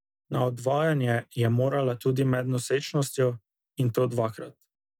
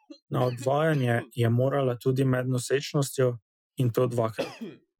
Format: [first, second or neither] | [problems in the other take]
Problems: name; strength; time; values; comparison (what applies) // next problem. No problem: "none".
first | noise reduction (classical method Wiener filter)